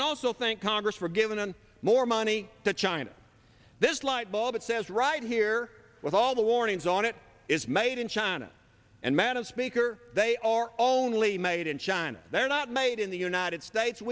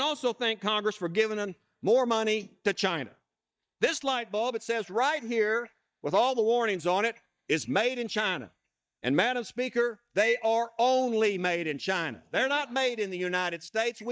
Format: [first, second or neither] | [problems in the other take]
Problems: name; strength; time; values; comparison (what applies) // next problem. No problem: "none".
first | noise reduction (neural mask model DeepFilterNet 3)